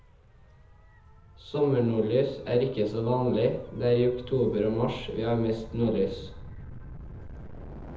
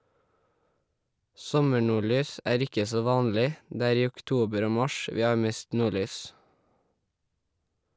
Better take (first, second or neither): second